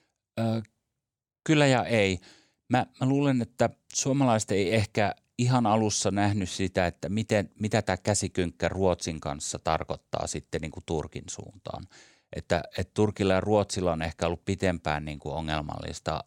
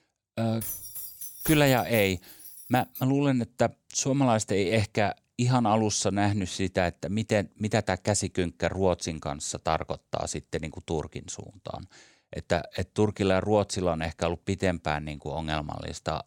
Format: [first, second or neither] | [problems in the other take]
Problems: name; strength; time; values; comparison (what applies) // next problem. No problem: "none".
first | jangling keys; noticeable; from 0.5 to 3 s; peak 5 dB below the speech